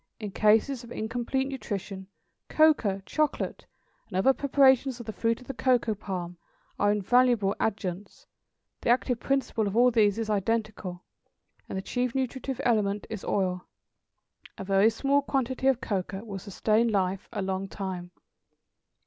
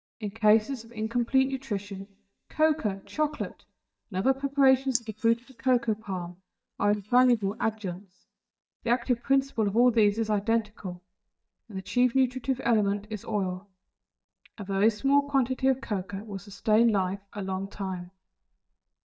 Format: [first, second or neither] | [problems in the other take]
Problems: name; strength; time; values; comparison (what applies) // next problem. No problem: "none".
first | noise reduction (neural mask model DeepFilterNet 3)